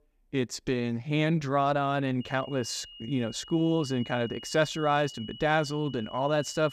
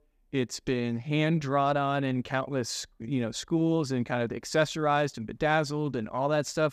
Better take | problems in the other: second | high-pitched whine; noticeable; from 2 s on; 3 kHz, 15 dB below the speech

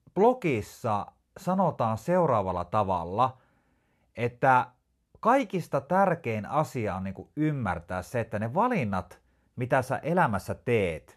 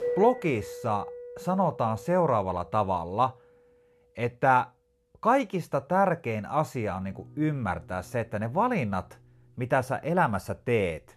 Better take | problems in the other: first | background music; noticeable; throughout; 15 dB below the speech

